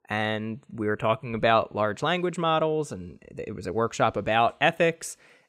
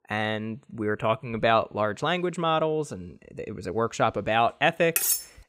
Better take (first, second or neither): first